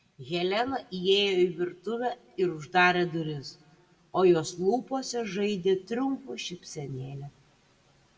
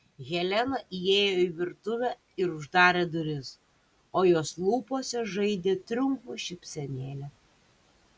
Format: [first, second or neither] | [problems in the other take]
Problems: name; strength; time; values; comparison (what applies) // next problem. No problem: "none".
second | room echo; dies away in 0.8 s